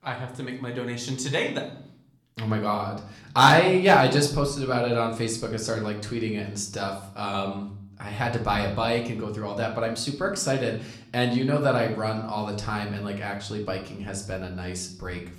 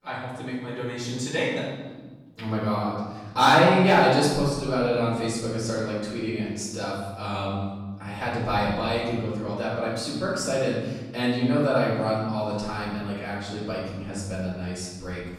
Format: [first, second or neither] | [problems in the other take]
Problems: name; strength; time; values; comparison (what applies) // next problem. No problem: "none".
first | room echo; strong; dies away in 1.4 s; slight in the first // off-mic speech; far; somewhat distant in the first